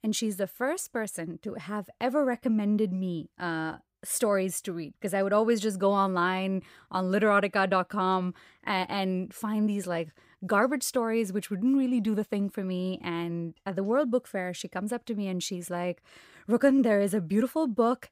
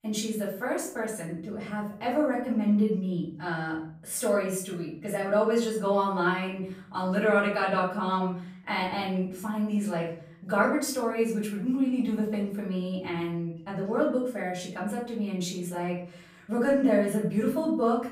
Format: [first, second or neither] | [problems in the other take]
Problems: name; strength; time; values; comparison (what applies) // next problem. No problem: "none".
first | off-mic speech; far // room echo; noticeable; dies away in 0.5 s